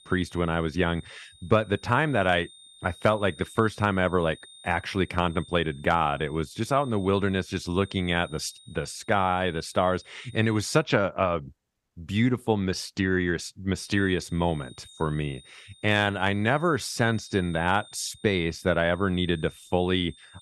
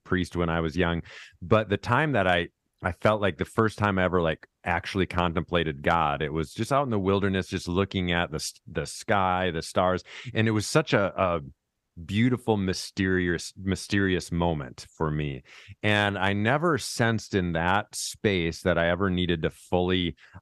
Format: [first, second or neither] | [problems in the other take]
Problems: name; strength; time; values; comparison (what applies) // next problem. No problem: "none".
second | high-pitched whine; faint; until 11 s and from 14 s on; 3.5 kHz, 25 dB below the speech